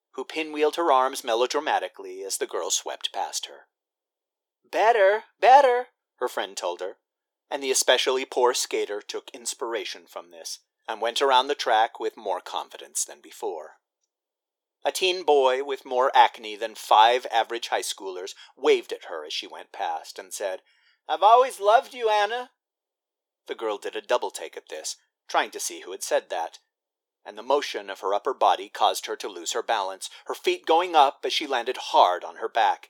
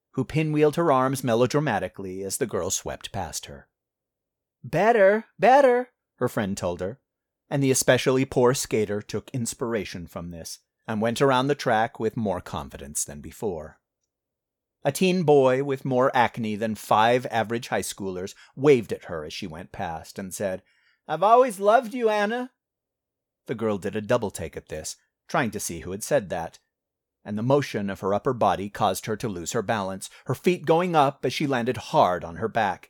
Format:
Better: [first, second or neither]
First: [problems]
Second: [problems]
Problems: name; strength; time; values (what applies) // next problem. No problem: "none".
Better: second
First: thin; very; fading below 350 Hz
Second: none